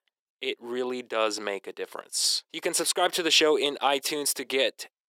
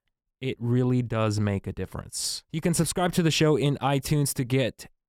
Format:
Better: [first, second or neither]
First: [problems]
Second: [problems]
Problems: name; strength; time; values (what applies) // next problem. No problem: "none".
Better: second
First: thin; very; fading below 350 Hz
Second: none